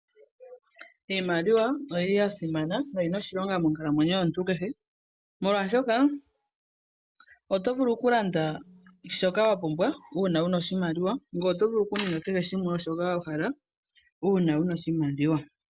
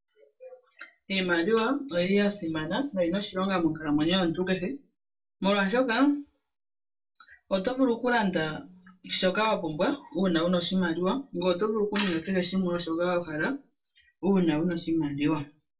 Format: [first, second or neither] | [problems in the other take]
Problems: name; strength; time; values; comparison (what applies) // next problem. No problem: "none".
first | room echo; dies away in 0.2 s